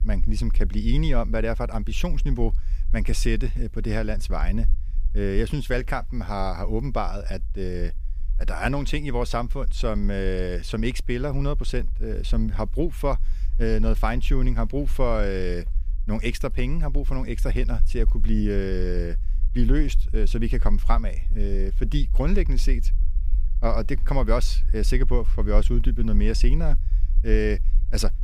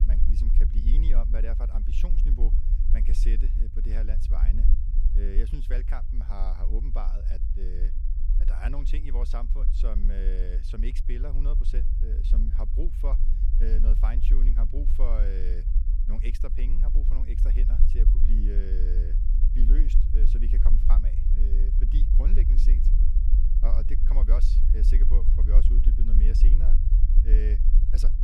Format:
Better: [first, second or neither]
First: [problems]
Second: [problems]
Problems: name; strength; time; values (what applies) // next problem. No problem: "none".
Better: first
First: low rumble; faint; throughout; 25 dB below the speech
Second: low rumble; loud; throughout; 4 dB below the speech